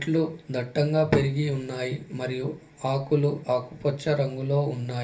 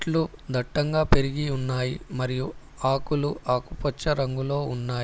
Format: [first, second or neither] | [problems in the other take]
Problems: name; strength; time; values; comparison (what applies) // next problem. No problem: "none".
second | room echo; dies away in 0.3 s